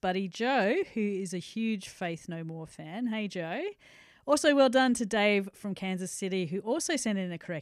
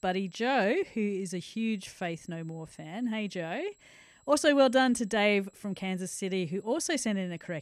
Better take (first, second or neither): first